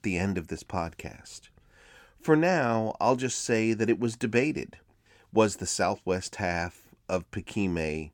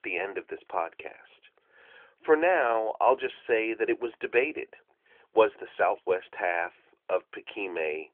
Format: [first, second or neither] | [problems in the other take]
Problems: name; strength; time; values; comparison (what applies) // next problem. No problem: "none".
first | phone-call audio